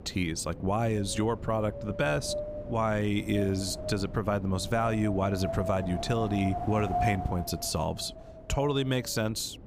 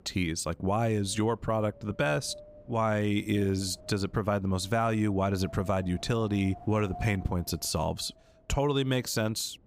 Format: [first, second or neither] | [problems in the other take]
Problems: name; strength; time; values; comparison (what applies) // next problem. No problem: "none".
second | wind noise on the microphone; heavy; 5 dB below the speech; occasional gusts in the second